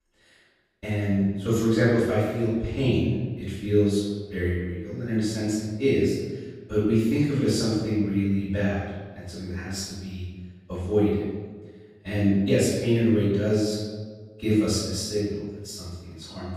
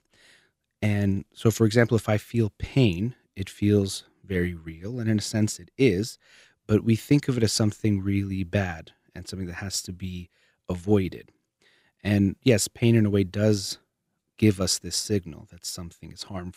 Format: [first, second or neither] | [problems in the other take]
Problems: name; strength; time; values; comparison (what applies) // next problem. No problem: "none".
second | off-mic speech; far // room echo; strong; dies away in 1.2 s